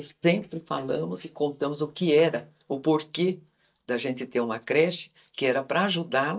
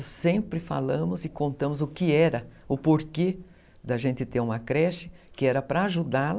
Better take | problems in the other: second | noise reduction (neural mask model DeepFilterNet 3)

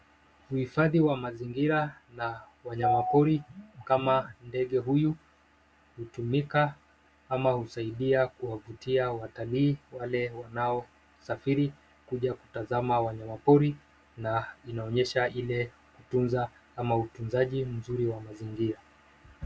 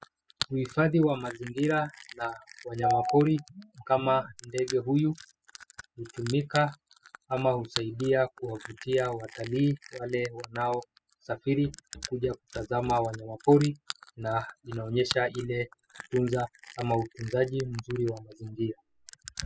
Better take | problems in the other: first | noise reduction (classical method spectral subtraction)

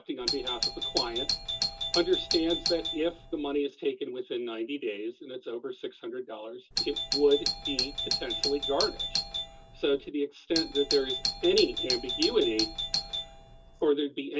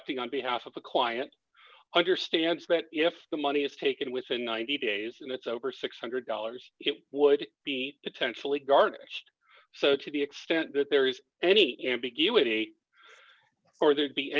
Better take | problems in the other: second | background sound (Doorbell); 2 dB below the speech // room echo; dies away in 0.2 s

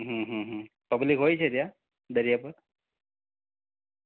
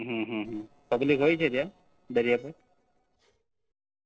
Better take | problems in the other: first | noise reduction (neural separator model SepFormer DNS4)

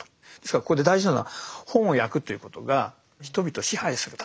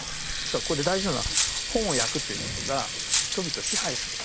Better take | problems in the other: first | background sound (Cutlery, silverware + Water tap, faucet); 2 dB above the speech

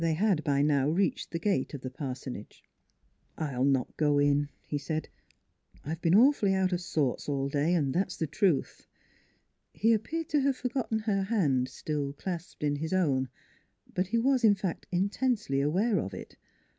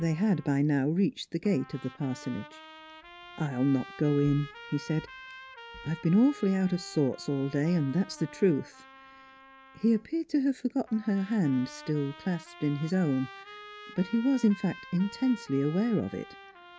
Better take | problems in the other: first | background sound (Trumpet); 19 dB below the speech

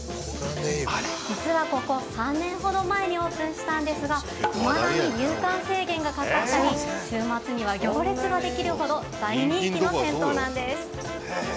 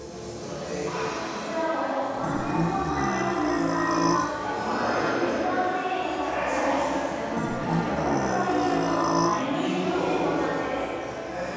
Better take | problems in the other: first | background sound (Burping, eructation); as loud as the speech // room echo; dies away in 2.2 s

